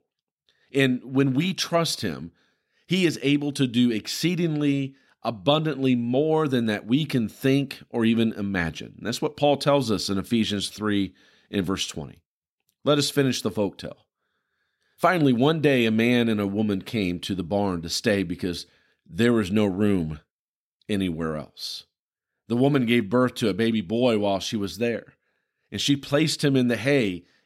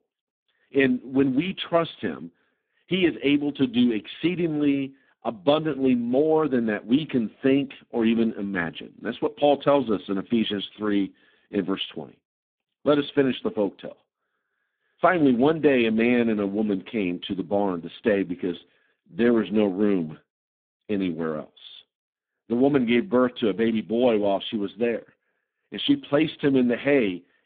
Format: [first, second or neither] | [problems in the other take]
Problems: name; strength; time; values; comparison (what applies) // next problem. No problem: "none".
first | phone-call audio; poor line